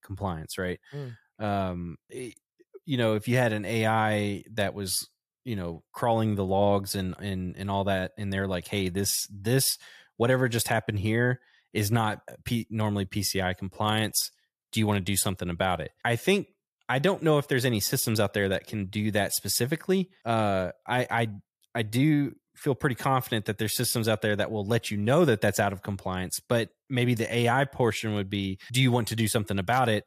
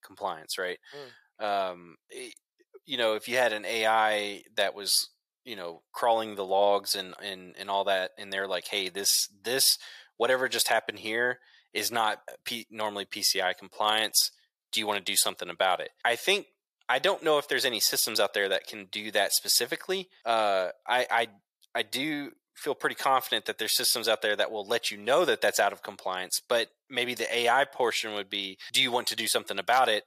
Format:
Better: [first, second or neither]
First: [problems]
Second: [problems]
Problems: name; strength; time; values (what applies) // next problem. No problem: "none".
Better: first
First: none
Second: thin; very; fading below 600 Hz